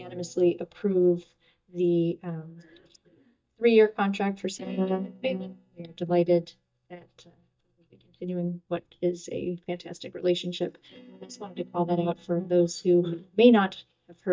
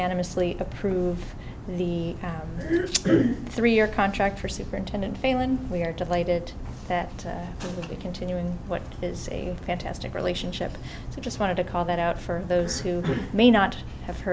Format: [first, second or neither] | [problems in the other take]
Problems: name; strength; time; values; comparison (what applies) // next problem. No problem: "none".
second | noise reduction (neural mask model DeepFilterNet 3)